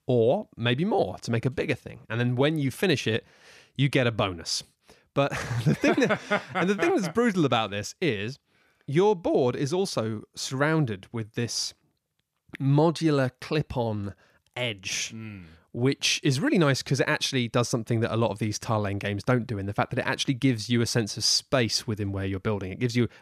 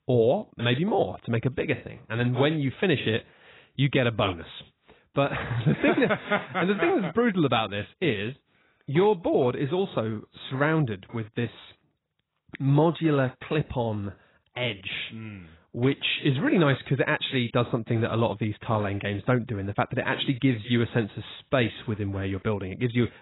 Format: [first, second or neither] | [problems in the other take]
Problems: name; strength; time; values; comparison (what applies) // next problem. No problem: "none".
first | garbled, watery; badly; nothing above 4 kHz